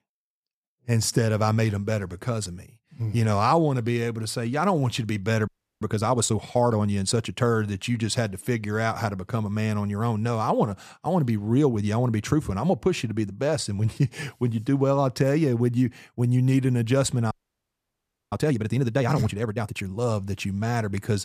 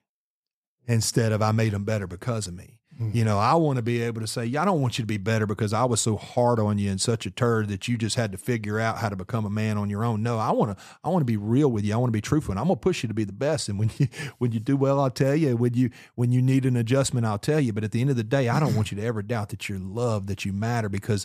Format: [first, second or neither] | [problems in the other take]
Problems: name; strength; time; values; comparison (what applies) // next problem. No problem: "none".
second | audio freezing; at 5.5 s and at 17 s for 1 s